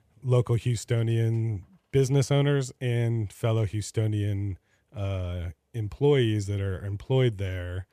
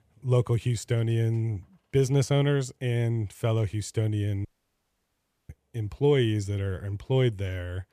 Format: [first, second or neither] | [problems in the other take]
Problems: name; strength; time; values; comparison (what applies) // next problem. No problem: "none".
first | audio cutting out; at 4.5 s for 1 s